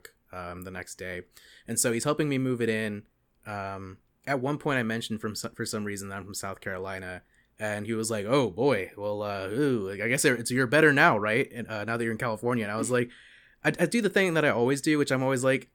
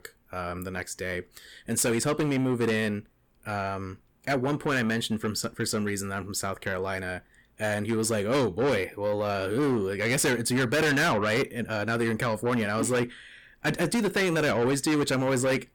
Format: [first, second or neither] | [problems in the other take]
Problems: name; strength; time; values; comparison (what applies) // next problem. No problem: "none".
first | distortion; heavy; 6 dB below the speech